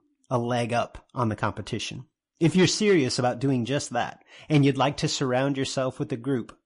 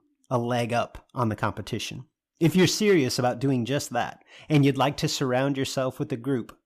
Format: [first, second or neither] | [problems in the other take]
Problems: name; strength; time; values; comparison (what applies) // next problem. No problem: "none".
second | garbled, watery; slightly; nothing above 10.5 kHz